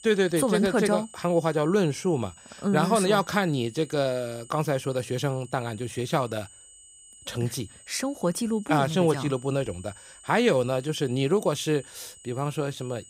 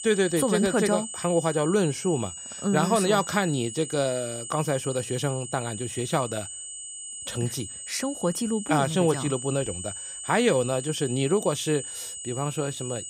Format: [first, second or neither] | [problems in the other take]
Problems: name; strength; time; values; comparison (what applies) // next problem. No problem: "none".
first | high-pitched whine; loud; throughout; 8 kHz, 8 dB below the speech; faint in the first